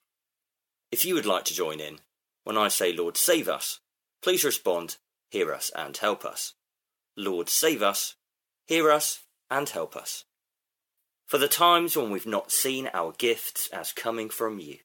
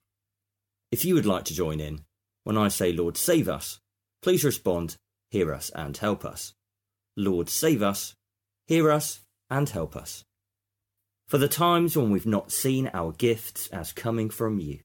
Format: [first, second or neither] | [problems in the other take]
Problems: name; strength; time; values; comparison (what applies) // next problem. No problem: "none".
second | thin; somewhat; fading below 500 Hz